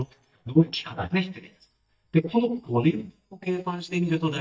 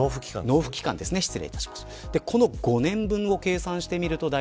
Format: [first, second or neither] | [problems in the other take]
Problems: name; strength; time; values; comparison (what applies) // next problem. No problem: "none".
second | noise reduction (neural mask model DeepFilterNet 3)